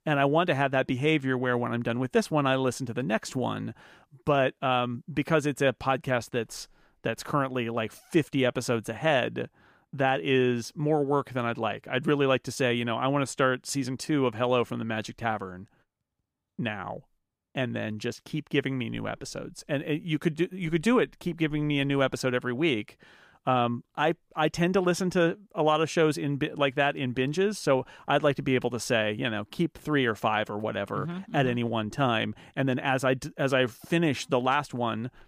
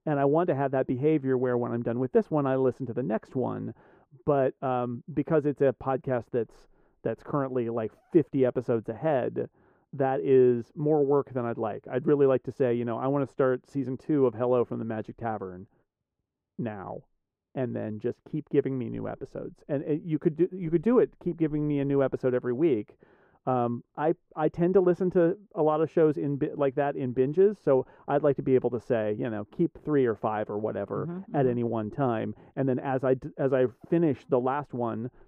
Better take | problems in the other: first | muffled; very; fading above 2 kHz

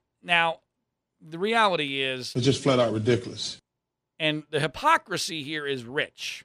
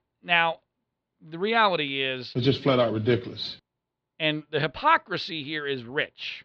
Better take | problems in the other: first | muffled; very slightly; fading above 4 kHz

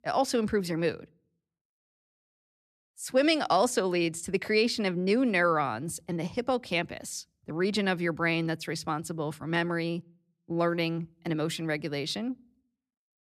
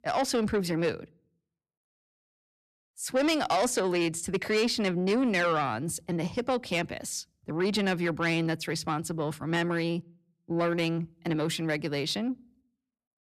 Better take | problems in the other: first | distortion; slight; 10 dB below the speech

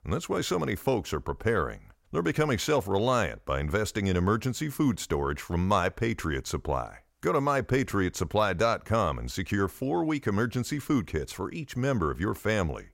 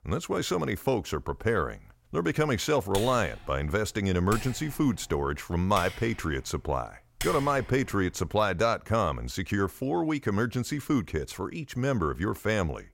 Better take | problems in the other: first | keyboard typing; noticeable; from 3 to 8 s; peak 7 dB below the speech

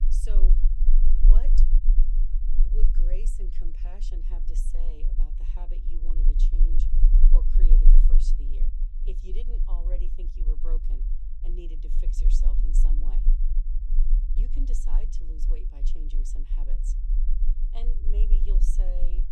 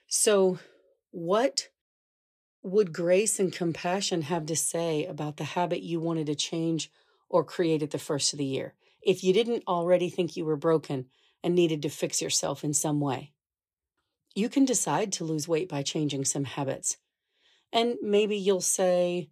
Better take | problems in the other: second | low rumble; loud; throughout; 4 dB below the speech

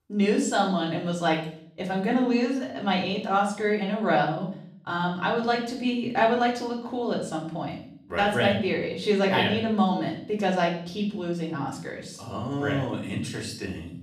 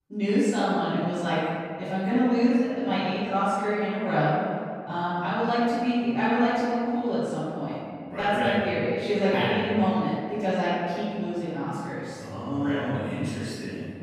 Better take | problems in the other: first | room echo; strong; dies away in 2 s; slight in the first // off-mic speech; far; far in the first

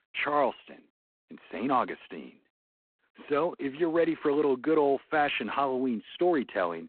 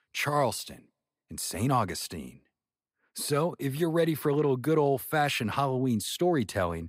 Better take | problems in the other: second | phone-call audio; poor line

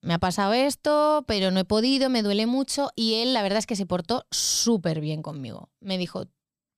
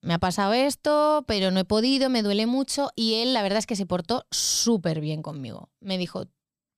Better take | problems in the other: neither | none

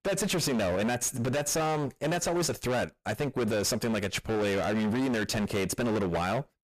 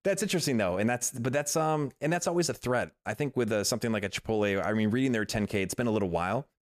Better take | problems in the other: second | distortion; heavy; 32% of the sound clipped

